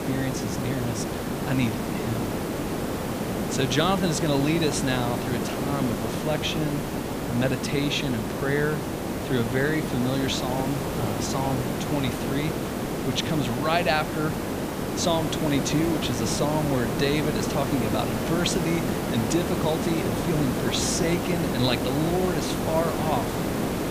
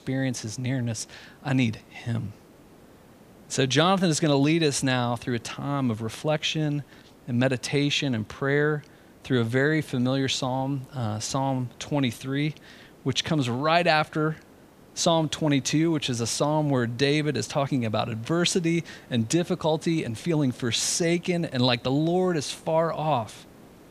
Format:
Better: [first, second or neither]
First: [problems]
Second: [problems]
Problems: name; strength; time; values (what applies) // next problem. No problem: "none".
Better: second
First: hiss; loud; throughout; 1 dB below the speech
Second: hiss; faint; throughout; 25 dB below the speech